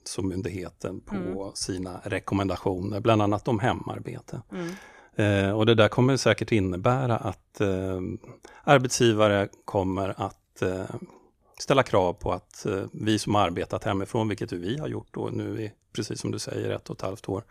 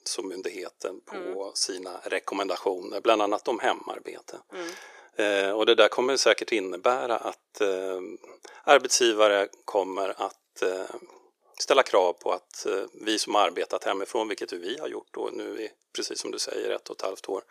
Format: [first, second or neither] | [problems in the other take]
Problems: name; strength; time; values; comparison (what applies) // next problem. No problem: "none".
first | thin; very; fading below 400 Hz